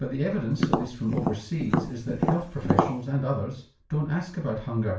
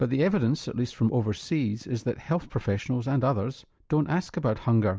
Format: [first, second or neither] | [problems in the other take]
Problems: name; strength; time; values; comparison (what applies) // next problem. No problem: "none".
second | background sound (Tap); 2 dB above the speech // room echo; dies away in 0.4 s